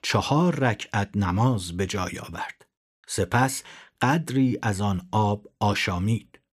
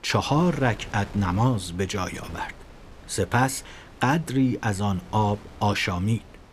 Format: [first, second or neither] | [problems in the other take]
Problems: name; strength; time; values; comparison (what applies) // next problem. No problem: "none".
first | wind noise on the microphone; occasional gusts; 20 dB below the speech